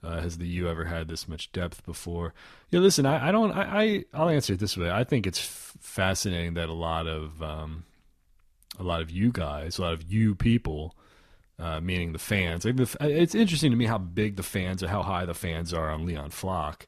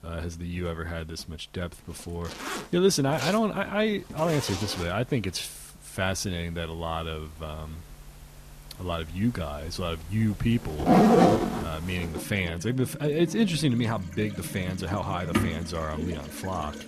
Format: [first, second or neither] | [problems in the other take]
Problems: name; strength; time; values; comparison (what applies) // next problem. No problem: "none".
first | household noises; very loud; throughout; as loud as the speech